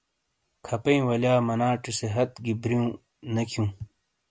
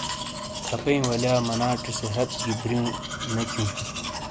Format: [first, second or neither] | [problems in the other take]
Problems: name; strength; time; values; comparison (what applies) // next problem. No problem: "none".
first | background sound (Domestic sounds, home sounds); 5 dB below the speech